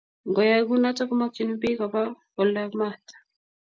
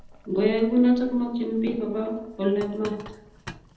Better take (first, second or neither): first